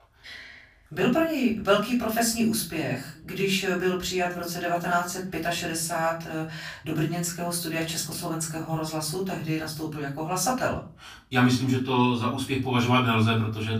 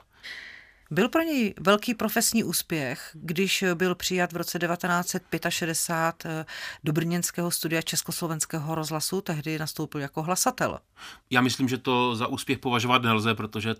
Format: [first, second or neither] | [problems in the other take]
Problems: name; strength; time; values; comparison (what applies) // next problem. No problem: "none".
second | off-mic speech; far // room echo; slight; dies away in 0.3 s